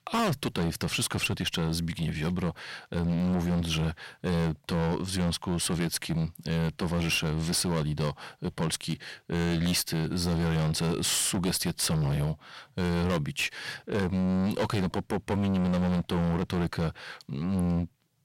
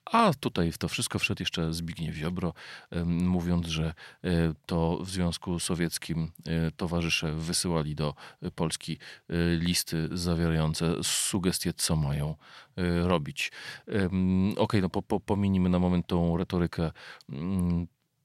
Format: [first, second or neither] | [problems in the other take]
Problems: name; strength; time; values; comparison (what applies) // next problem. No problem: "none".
second | distortion; heavy; 19% of the sound clipped